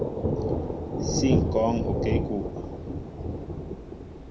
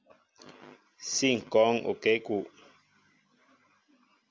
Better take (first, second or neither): second